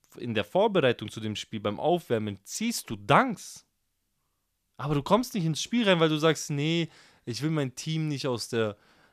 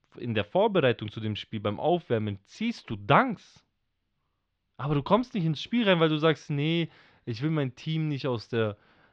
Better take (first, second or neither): first